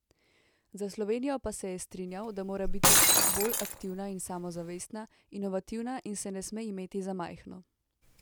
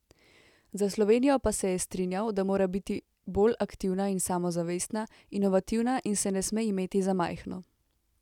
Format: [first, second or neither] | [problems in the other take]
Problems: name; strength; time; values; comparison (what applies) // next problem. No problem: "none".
second | background sound (Shatter); 4 dB above the speech